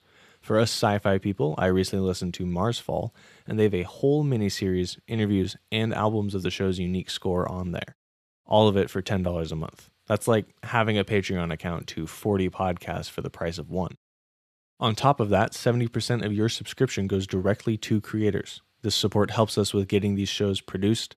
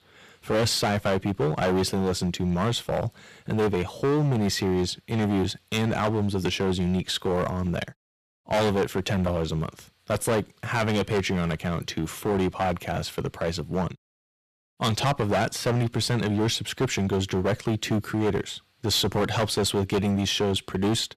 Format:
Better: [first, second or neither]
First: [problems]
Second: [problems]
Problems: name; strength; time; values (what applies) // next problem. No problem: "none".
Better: first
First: none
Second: distortion; heavy; 13% of the sound clipped